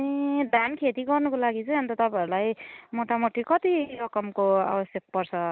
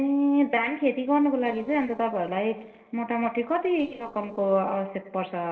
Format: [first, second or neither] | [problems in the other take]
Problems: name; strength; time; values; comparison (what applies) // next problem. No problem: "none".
first | noise reduction (neural separator model SepFormer DNS4)